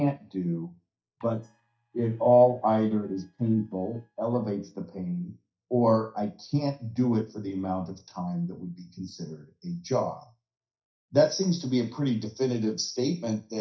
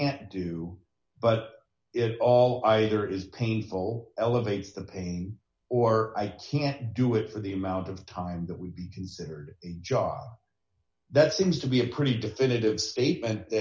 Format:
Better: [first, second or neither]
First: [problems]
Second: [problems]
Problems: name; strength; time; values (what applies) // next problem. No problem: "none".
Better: second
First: noise reduction (neural mask model DeepFilterNet 3)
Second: none